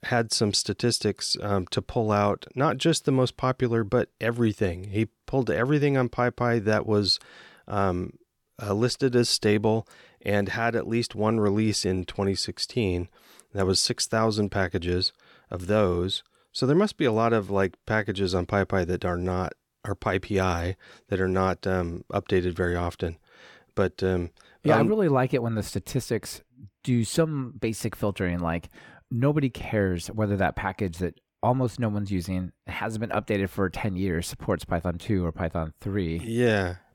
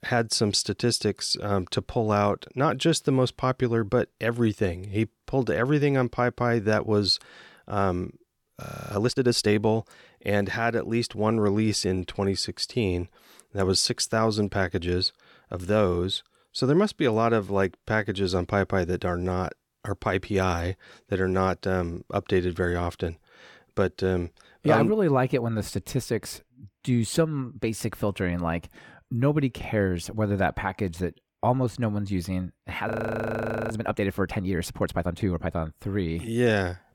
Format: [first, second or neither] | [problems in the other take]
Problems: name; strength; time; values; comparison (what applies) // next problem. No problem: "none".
first | audio freezing; at 8.5 s and at 33 s for 1 s